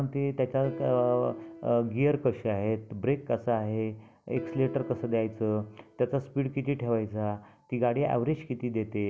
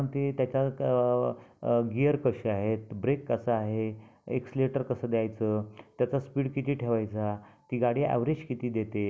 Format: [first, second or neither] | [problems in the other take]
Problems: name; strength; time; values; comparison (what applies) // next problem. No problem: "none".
second | background sound (Piano); 16 dB below the speech